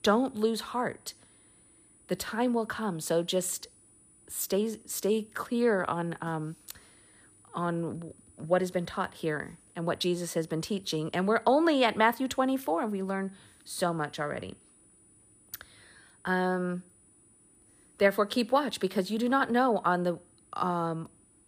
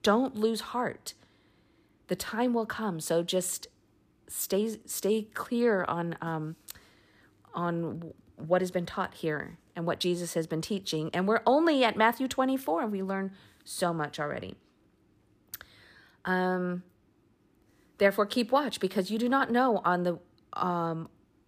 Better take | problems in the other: second | high-pitched whine; faint; throughout; 9.5 kHz, 30 dB below the speech

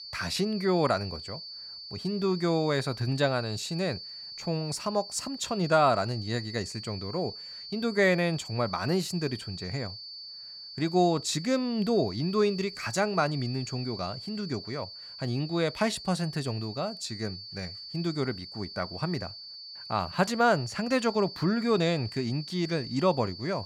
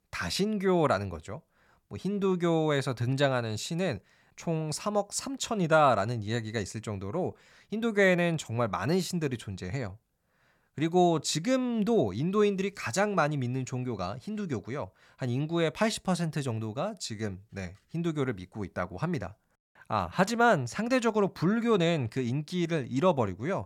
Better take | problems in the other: second | high-pitched whine; noticeable; throughout; 4.5 kHz, 10 dB below the speech

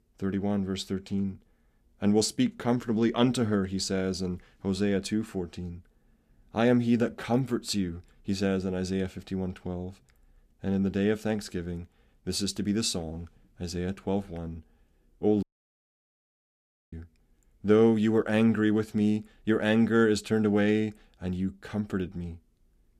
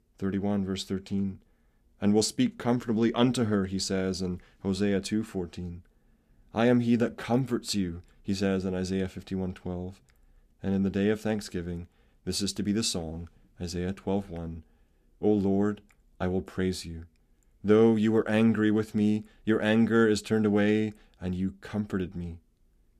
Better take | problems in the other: second | audio cutting out; at 15 s for 1.5 s

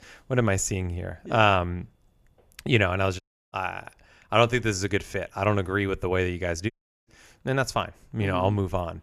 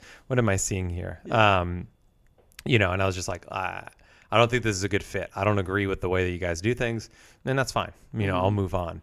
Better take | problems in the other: second | audio cutting out; at 3 s and at 6.5 s

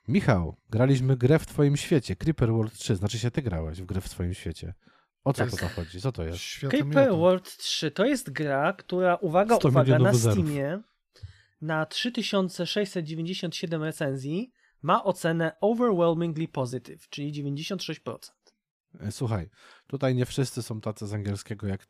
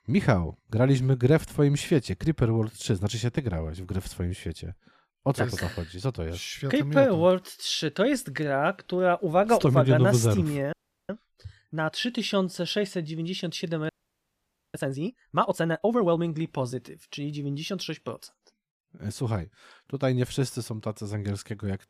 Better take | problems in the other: first | audio freezing; at 11 s and at 14 s for 1 s

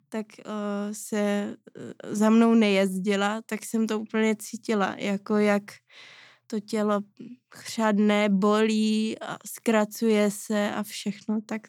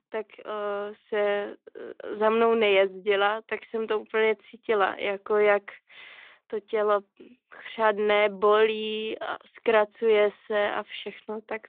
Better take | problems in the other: first | phone-call audio

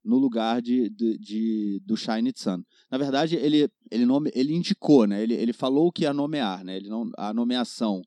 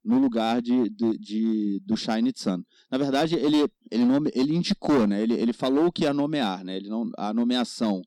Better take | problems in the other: first | distortion; slight; 6% of the sound clipped

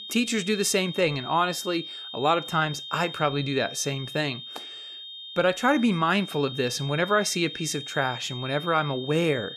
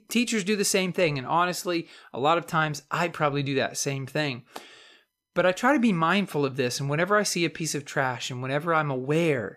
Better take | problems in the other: second | high-pitched whine; noticeable; throughout; 3.5 kHz, 10 dB below the speech

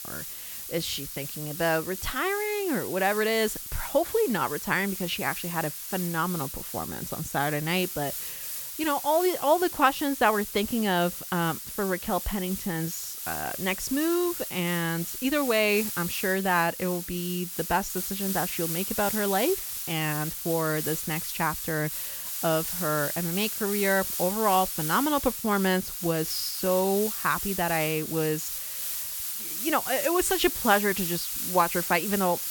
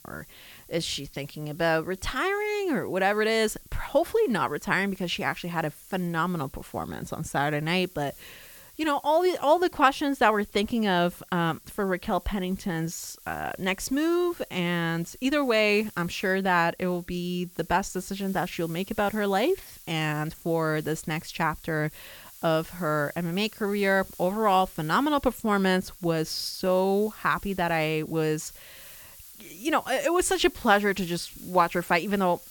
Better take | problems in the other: second | hiss; loud; throughout; 4 dB below the speech; faint in the second

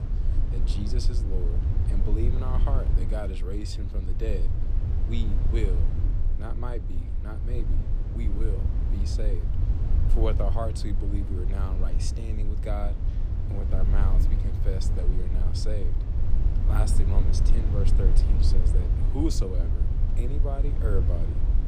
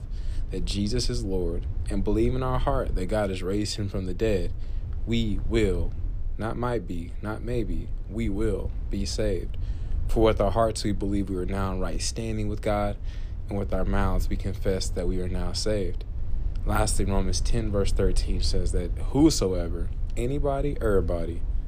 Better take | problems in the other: second | low rumble; loud; throughout; 5 dB below the speech; faint in the second

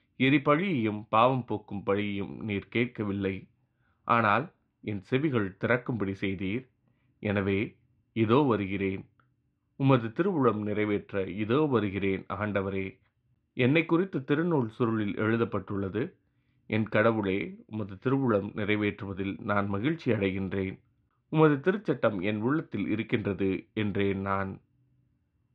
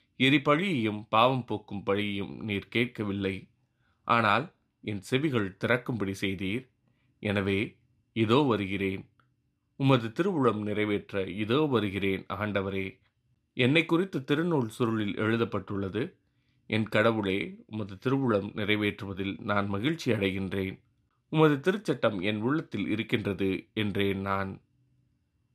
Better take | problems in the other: second | muffled; slightly; fading above 2.5 kHz

